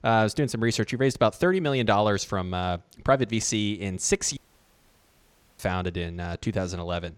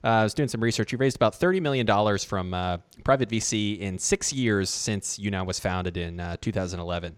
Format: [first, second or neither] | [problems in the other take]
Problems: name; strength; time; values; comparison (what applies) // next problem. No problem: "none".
second | audio cutting out; at 4.5 s for 1 s